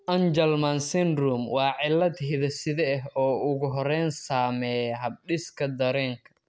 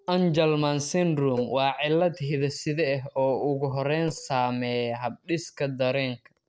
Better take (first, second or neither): first